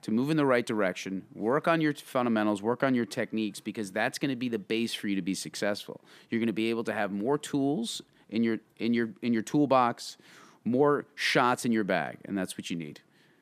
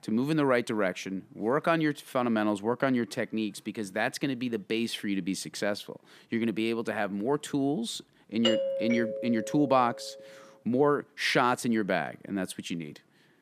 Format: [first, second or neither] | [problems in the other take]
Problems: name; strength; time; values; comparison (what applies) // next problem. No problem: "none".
first | doorbell; loud; from 8.5 to 10 s; peak 1 dB above the speech